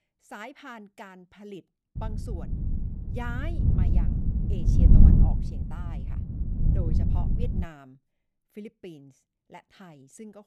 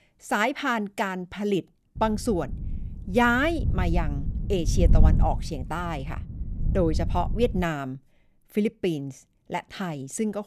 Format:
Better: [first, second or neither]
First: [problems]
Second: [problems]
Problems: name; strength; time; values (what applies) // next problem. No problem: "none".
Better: second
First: wind noise on the microphone; heavy; from 2 to 7.5 s; 4 dB above the speech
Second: wind noise on the microphone; occasional gusts; from 2 to 7.5 s; 15 dB below the speech